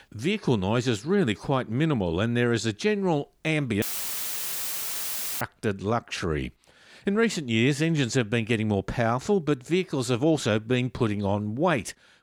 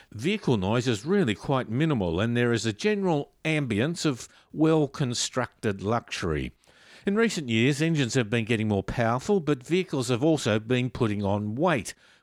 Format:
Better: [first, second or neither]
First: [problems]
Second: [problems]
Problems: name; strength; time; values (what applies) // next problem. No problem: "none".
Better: second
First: audio cutting out; filled with static; at 4 s for 1.5 s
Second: none